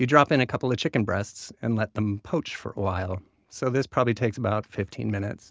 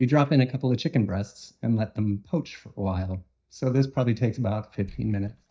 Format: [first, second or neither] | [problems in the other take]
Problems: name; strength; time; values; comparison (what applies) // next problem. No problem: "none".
first | noise reduction (neural mask model DeepFilterNet 3)